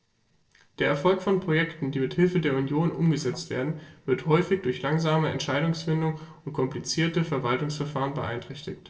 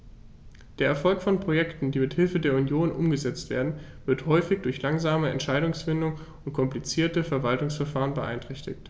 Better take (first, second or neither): second